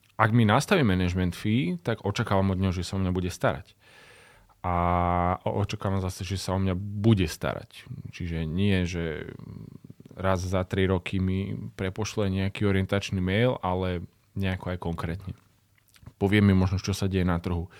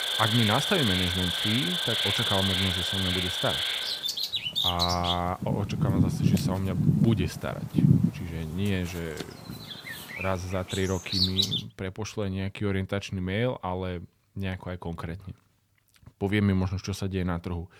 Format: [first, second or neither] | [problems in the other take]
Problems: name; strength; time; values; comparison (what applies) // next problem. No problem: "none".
first | animal sounds; very loud; until 12 s; 4 dB above the speech